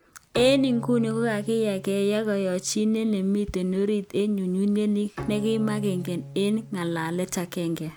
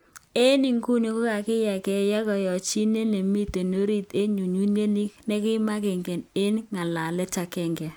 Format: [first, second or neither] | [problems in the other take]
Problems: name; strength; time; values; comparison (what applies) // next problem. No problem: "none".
second | background sound (Bowed string instrument); 15 dB below the speech